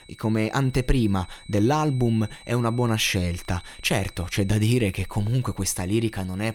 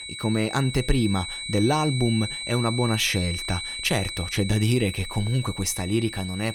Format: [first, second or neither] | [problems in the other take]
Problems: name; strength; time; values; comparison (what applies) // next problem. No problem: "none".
first | high-pitched whine; loud; throughout; 4 kHz, 7 dB below the speech; faint in the first